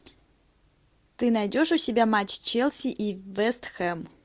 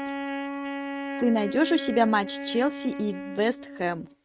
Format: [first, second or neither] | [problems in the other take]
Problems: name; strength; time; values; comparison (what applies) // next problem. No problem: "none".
first | noise reduction (neural mask model RNNoise)